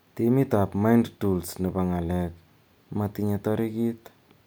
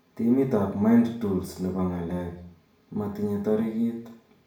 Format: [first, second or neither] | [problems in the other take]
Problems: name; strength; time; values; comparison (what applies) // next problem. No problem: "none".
first | room echo; dies away in 0.5 s